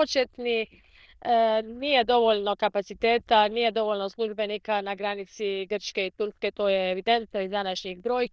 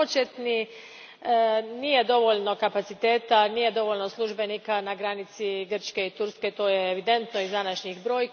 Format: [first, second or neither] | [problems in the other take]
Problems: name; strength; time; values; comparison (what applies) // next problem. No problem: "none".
second | noise reduction (neural diffusion model UNIVERSE++)